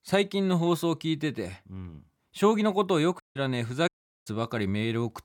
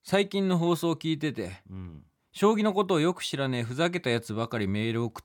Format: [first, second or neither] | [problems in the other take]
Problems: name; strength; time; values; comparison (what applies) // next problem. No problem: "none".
second | audio cutting out; at 3 s and at 4 s